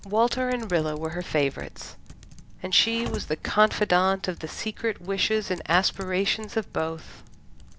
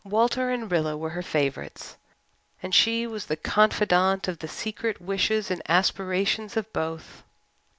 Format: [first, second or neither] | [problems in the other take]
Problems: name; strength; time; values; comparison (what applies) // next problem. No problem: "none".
second | background sound (Typing); 15 dB below the speech